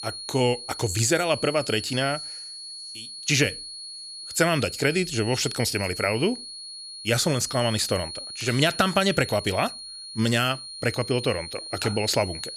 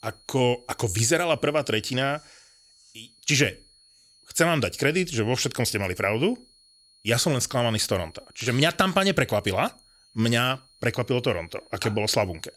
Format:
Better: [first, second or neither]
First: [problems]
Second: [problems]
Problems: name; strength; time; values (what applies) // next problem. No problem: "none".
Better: second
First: high-pitched whine; loud; throughout; 4.5 kHz, 10 dB below the speech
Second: high-pitched whine; faint; throughout; 4.5 kHz, 30 dB below the speech